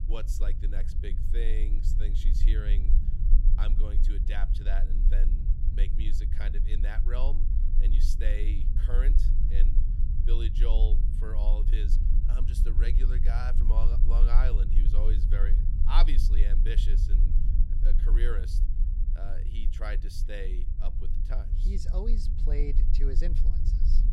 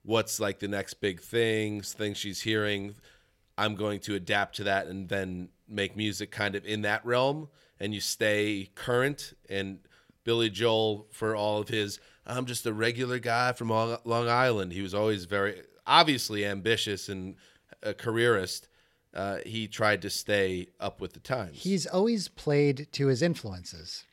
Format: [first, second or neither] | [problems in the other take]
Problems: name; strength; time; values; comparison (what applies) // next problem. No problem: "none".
second | low rumble; loud; throughout; 7 dB below the speech